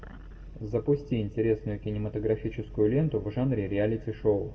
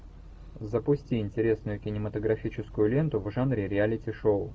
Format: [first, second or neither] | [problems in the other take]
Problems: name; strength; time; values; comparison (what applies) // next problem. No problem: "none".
second | room echo; dies away in 1.1 s